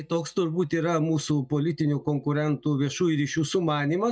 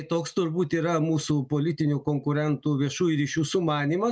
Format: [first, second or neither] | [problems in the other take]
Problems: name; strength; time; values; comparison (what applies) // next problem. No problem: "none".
second | noise reduction (neural mask model DeepFilterNet 3)